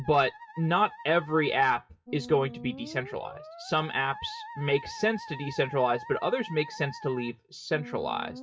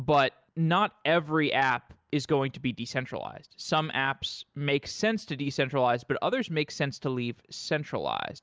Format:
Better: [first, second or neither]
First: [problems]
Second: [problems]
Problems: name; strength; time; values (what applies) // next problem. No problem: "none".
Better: second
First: noise reduction (classical method WPE with log-MMSE)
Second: none